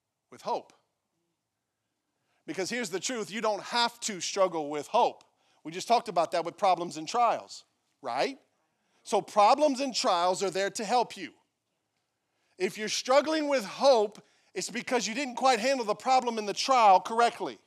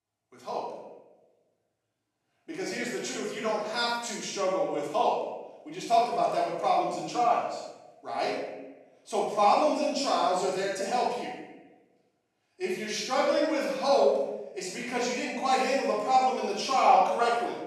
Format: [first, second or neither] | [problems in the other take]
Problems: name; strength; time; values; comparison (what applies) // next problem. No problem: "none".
first | off-mic speech; far // room echo; strong; dies away in 0.9 s